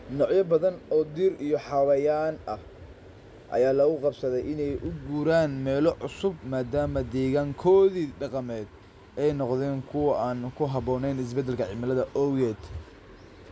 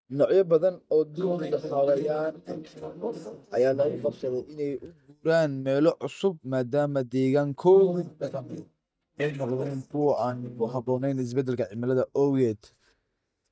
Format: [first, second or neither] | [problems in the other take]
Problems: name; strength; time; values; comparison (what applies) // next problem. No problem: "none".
first | noise reduction (neural mask model DeepFilterNet 3)